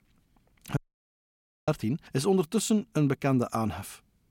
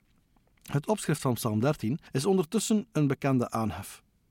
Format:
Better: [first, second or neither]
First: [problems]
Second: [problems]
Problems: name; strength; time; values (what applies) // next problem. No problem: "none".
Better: second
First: audio cutting out; at 1 s for 1 s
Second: none